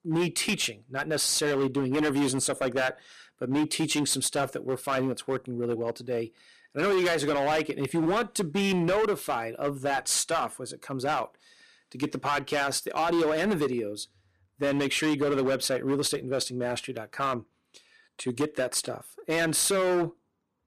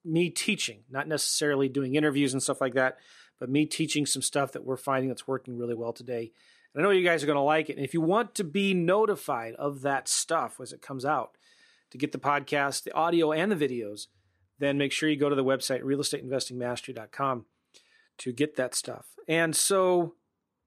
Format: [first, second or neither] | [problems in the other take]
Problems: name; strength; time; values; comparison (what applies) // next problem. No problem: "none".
second | distortion; heavy; 12% of the sound clipped